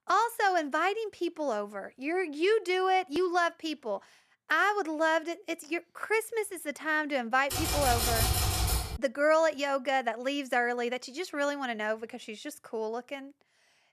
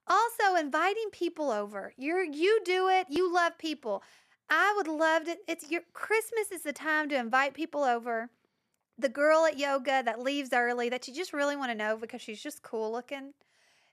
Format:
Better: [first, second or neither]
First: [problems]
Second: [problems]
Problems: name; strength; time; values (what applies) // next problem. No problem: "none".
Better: second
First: keyboard typing; loud; from 7.5 to 9 s; peak 3 dB above the speech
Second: none